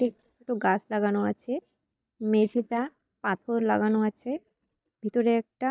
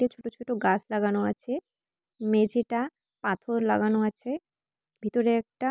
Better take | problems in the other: second | noise reduction (neural mask model DeepFilterNet 3)

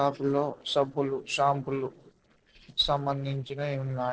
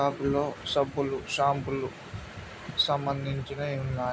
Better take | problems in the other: second | noise reduction (neural separator model SepFormer DNS4)

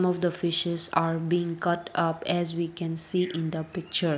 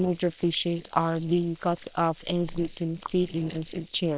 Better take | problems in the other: first | noise reduction (neural separator model SepFormer WHAM!)

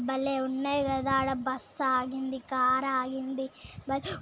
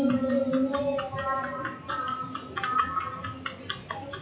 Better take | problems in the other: first | noise reduction (classical method WPE with log-MMSE)

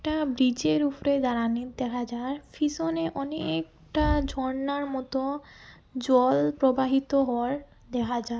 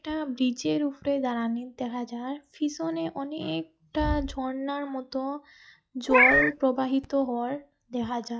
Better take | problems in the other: first | noise reduction (classical method log-MMSE)

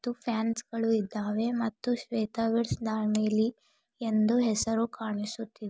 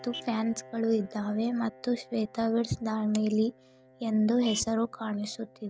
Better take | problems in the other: first | background sound (Piano + Vehicle horn, car horn, honking); 19 dB below the speech

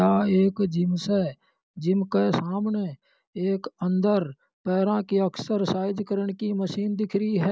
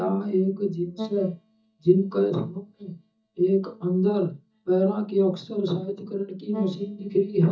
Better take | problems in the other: first | noise reduction (neural mask model DeepFilterNet 3)

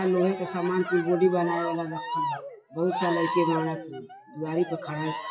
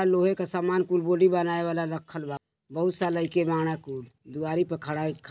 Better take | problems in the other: second | noise reduction (classical method WPE with log-MMSE)

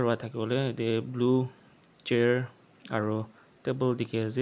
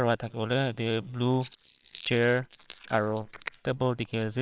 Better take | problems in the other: first | noise reduction (neural separator model SepFormer WHAMR!)

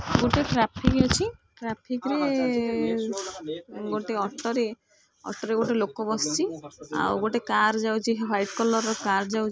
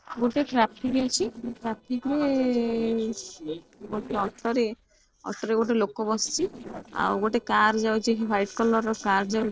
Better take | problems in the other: first | noise reduction (neural separator model SepFormer DNS4)

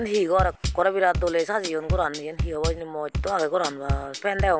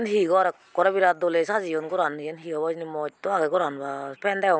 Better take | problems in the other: second | background sound (Bass drum / Drum kit); 5 dB below the speech

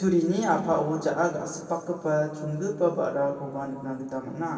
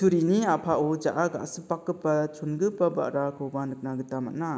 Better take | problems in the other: second | room echo; dies away in 2.7 s

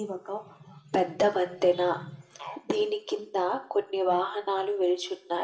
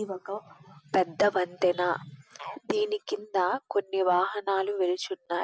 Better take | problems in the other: second | room echo; dies away in 0.6 s

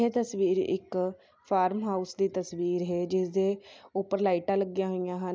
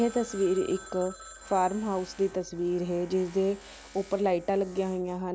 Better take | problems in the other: first | background sound (Tools + Telephone); 19 dB below the speech

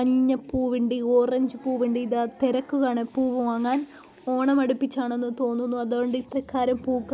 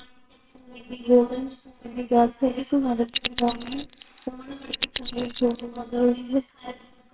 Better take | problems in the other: first | noise reduction (neural separator model SepFormer WHAMR!)

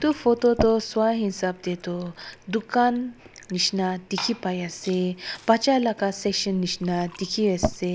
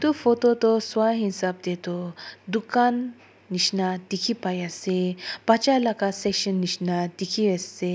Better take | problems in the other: second | background sound (Fill (with liquid) / Glass); 12 dB below the speech

